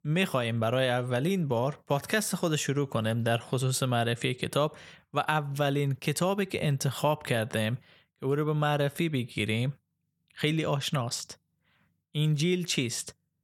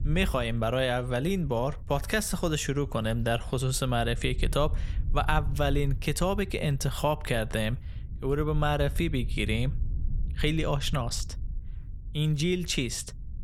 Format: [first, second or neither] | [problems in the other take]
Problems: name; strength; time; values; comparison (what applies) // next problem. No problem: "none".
first | low rumble; faint; throughout; 25 dB below the speech